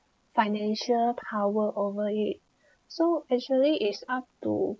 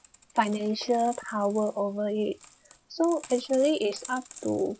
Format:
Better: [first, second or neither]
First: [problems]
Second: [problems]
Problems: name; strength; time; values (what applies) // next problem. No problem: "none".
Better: first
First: none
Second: background sound (Coin (dropping)); 20 dB below the speech